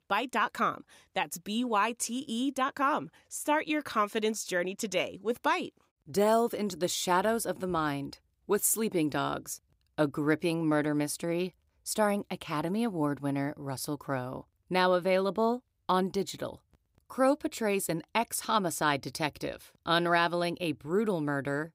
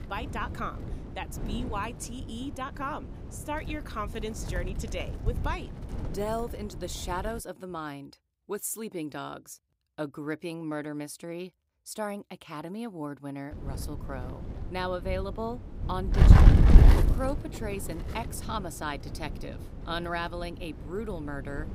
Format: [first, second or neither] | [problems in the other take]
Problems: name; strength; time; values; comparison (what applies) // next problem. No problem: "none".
first | wind noise on the microphone; heavy; until 7.5 s and from 14 s on; 4 dB below the speech